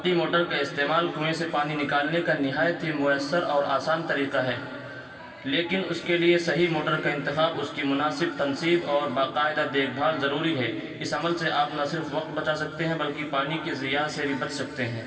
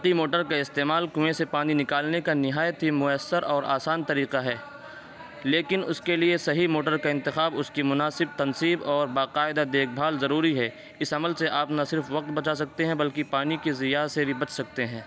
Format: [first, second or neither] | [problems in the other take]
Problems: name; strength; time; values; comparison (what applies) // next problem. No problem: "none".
second | room echo; dies away in 2.4 s